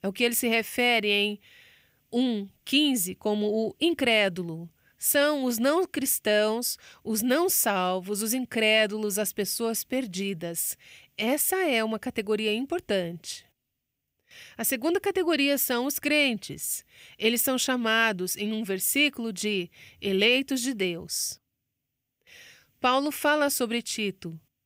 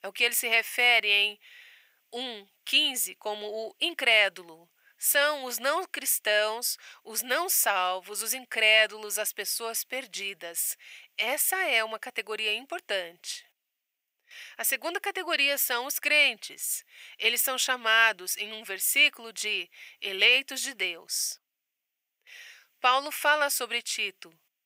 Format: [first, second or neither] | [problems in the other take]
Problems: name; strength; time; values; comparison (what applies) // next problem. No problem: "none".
first | thin; very; fading below 800 Hz